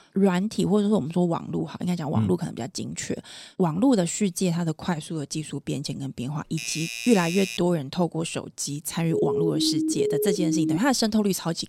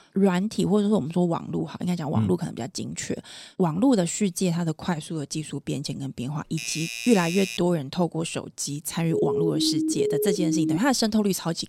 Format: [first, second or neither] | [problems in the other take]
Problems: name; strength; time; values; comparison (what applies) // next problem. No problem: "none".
neither | doorbell; noticeable; from 6.5 to 7.5 s; peak 5 dB below the speech; the same in both // siren; loud; from 9 to 11 s; peak level with the speech; the same in both